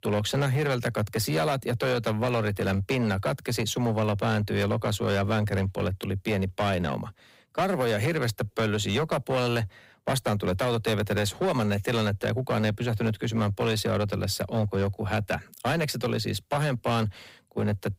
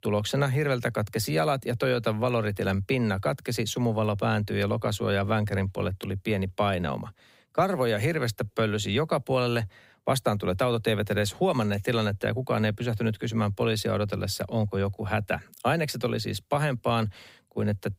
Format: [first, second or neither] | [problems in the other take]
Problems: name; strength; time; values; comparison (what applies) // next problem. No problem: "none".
second | distortion; slight; 12% of the sound clipped